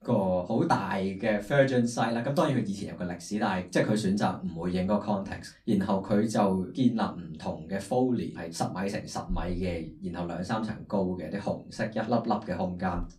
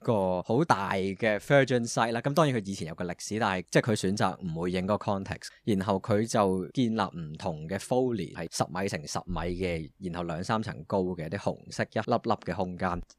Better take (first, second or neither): second